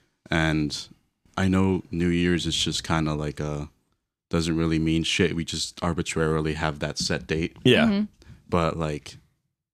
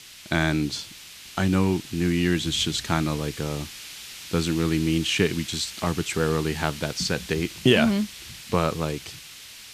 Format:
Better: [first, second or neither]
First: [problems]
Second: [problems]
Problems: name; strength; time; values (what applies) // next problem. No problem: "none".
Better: first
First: none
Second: hiss; noticeable; throughout; 15 dB below the speech